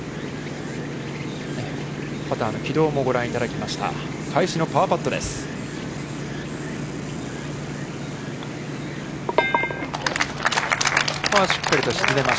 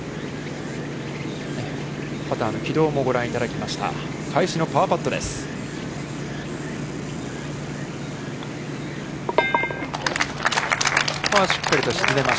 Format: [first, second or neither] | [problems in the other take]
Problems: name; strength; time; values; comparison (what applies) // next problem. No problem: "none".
first | background sound (Musical instrument); 20 dB below the speech